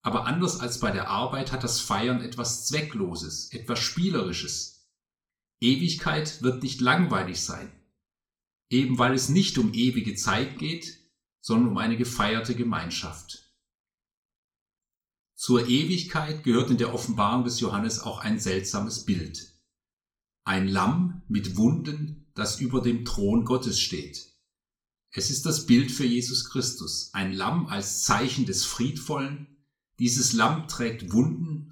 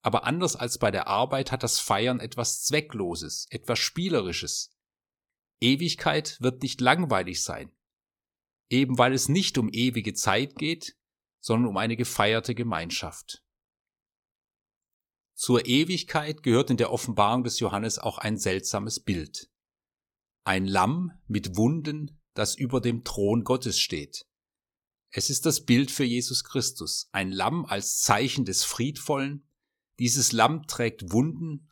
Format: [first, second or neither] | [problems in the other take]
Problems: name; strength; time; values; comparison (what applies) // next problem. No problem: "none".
second | room echo; very slight; dies away in 0.4 s // off-mic speech; somewhat distant